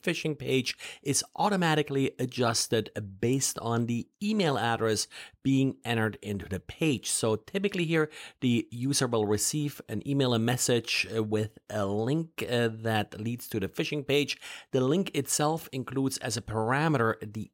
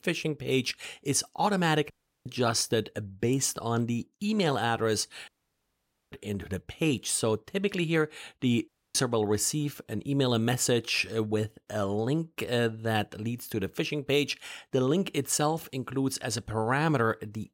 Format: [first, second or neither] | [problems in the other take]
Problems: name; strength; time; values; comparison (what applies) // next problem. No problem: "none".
first | audio cutting out; at 2 s, at 5.5 s for 1 s and at 8.5 s